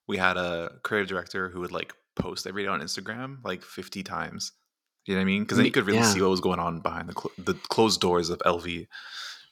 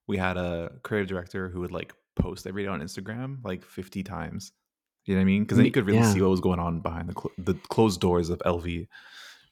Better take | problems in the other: second | thin; very slightly; fading below 300 Hz

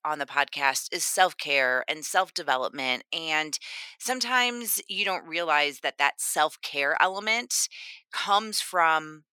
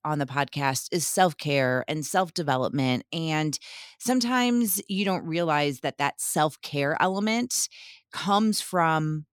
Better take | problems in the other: second | thin; very; fading below 550 Hz

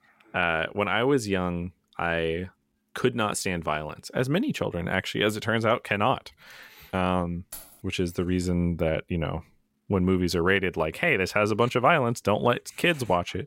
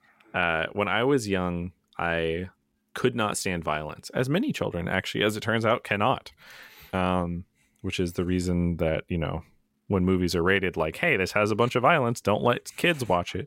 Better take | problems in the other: second | jangling keys; faint; at 7.5 s; peak 15 dB below the speech

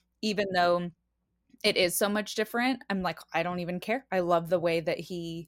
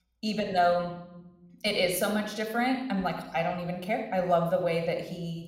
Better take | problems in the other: first | room echo; slight; dies away in 0.8 s

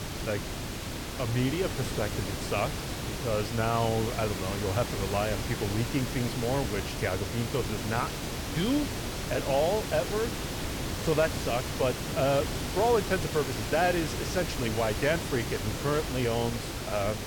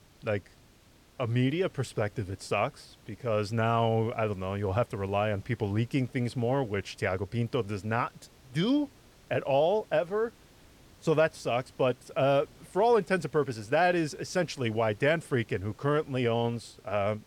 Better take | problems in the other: second | hiss; loud; throughout; 3 dB below the speech; faint in the second

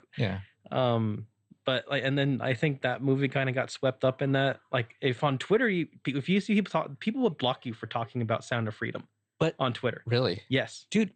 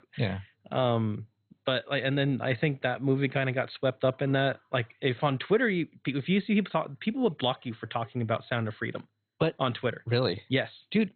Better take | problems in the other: first | garbled, watery; badly; nothing above 4 kHz; slightly in the first

